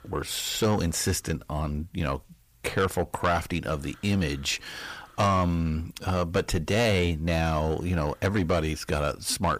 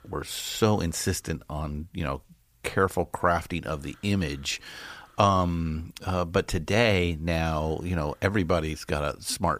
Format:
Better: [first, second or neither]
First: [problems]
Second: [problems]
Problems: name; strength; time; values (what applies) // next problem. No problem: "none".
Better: second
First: distortion; slight; 10 dB below the speech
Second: none